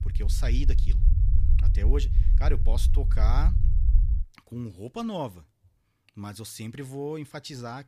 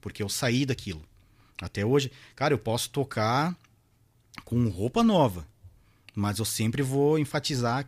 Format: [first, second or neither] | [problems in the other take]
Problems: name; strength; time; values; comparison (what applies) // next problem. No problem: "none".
second | low rumble; loud; until 4 s; 8 dB below the speech